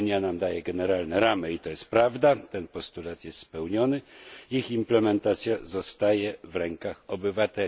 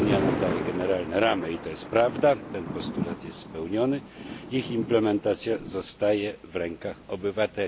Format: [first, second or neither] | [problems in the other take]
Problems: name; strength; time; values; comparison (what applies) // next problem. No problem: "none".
first | background sound (Thunder); 7 dB below the speech